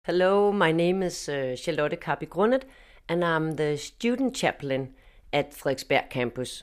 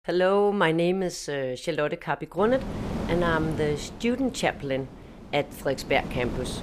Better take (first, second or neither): first